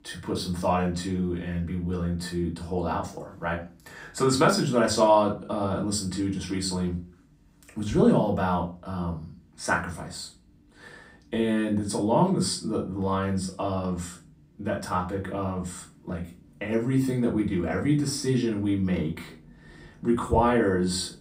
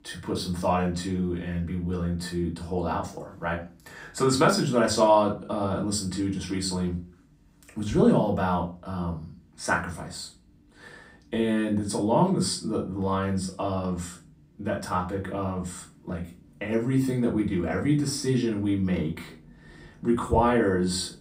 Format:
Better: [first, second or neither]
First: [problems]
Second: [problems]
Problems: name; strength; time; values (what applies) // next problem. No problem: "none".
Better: neither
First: off-mic speech; far // room echo; slight; dies away in 0.3 s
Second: off-mic speech; far // room echo; slight; dies away in 0.3 s